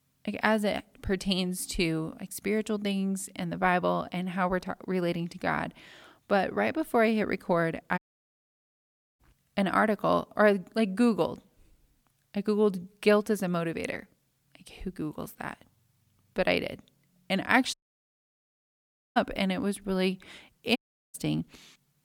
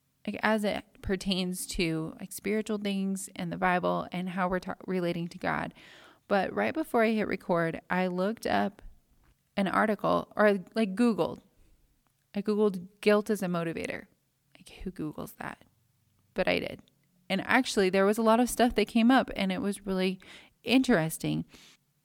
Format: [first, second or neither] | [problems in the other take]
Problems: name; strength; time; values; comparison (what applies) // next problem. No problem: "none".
second | audio cutting out; at 8 s for 1 s, at 18 s for 1.5 s and at 21 s